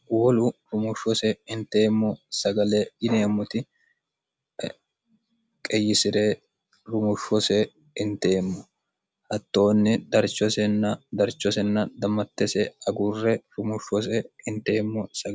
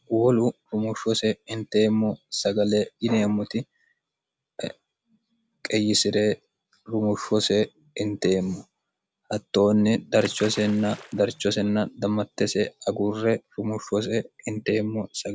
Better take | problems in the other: first | background sound (Splash, splatter); 18 dB below the speech

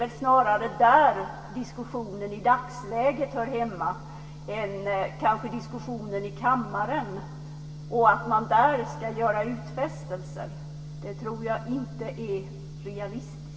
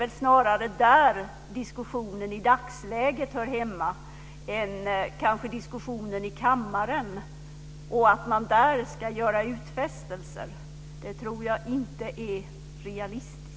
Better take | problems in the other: second | room echo; dies away in 1.6 s

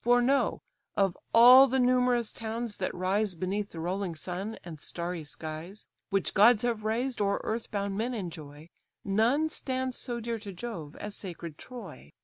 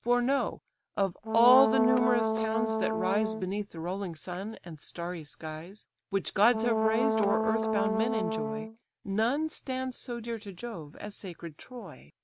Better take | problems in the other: first | background sound (Brass instrument); 1 dB above the speech

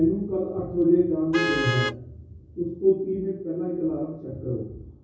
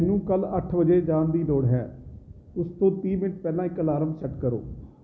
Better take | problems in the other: second | background sound (Vehicle horn, car horn, honking); 9 dB below the speech // room echo; dies away in 0.6 s

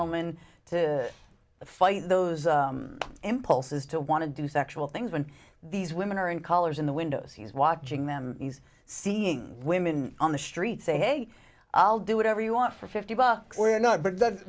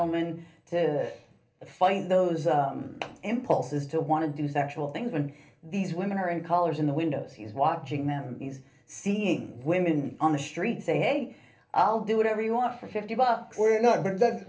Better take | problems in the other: first | room echo; dies away in 0.3 s

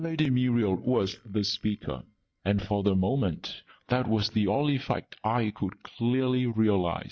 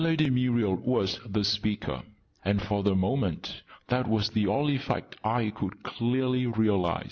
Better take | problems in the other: second | noise reduction (neural mask model DeepFilterNet 3)

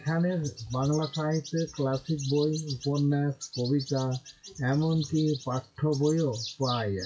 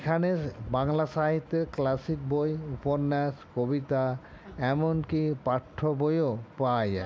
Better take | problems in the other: second | noise reduction (classical method WPE with log-MMSE)

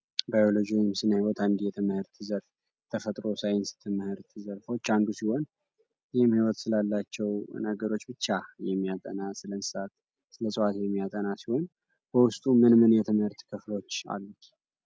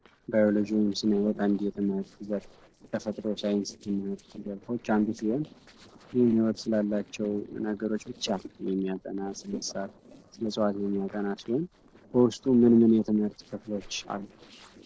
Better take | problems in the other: first | noise reduction (neural separator model SepFormer DNS4)

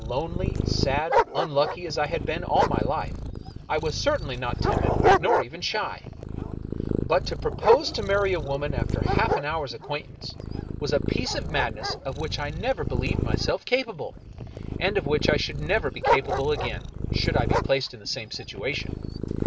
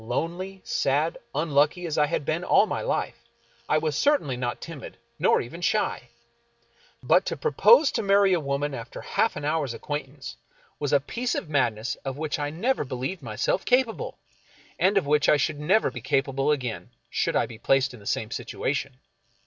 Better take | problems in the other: second | background sound (Dog + Purr); as loud as the speech

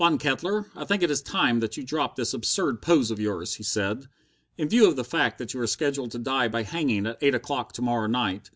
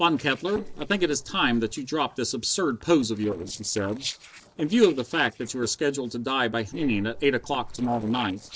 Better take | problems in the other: first | noise reduction (neural separator model SepFormer DNS4)

